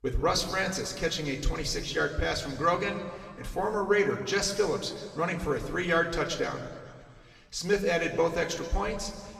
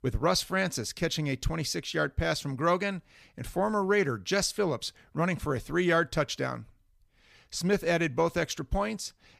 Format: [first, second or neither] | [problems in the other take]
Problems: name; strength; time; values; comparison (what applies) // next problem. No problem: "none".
second | room echo; slight; dies away in 1.9 s